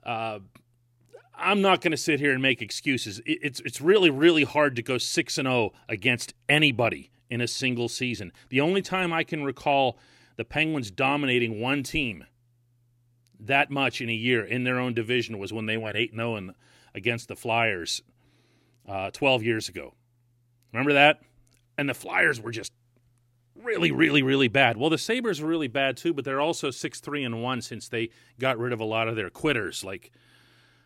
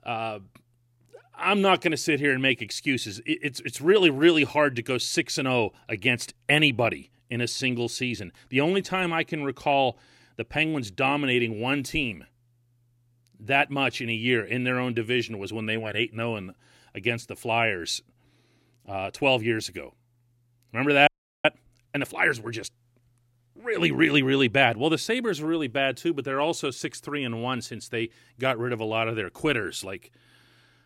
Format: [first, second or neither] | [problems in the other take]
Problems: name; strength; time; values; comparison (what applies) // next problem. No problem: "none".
first | audio freezing; at 21 s